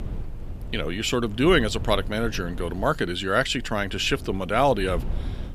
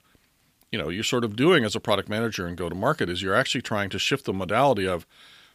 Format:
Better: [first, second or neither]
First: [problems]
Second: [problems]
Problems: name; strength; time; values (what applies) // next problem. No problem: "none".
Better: second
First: low rumble; faint; throughout; 25 dB below the speech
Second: none